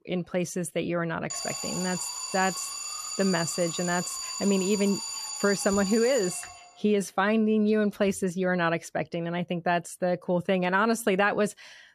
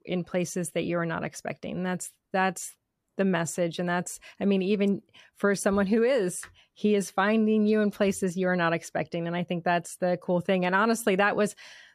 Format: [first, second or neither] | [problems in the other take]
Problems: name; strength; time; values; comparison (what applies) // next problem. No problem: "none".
second | alarm; noticeable; from 1.5 to 6.5 s; peak 4 dB below the speech